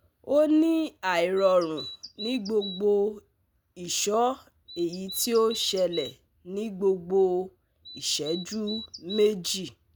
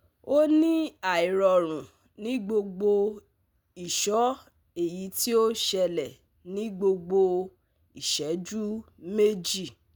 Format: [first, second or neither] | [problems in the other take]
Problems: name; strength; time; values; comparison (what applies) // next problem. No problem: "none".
second | background sound (Bird vocalization, bird call, bird song); 14 dB below the speech